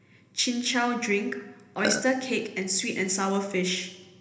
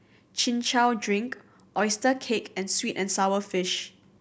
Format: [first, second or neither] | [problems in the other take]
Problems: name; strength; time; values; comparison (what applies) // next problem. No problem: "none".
second | background sound (Burping, eructation); 2 dB below the speech // room echo; dies away in 1 s